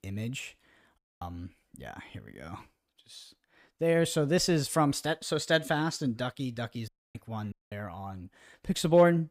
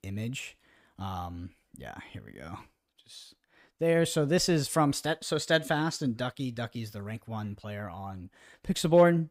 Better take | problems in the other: second | audio cutting out; at 1 s, at 7 s and at 7.5 s

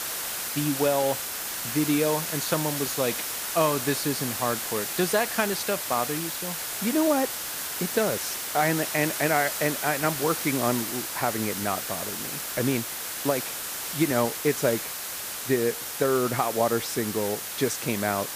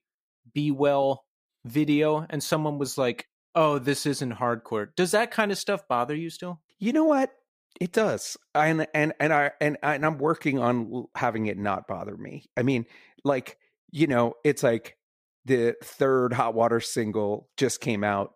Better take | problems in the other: second | hiss; loud; throughout; 3 dB below the speech

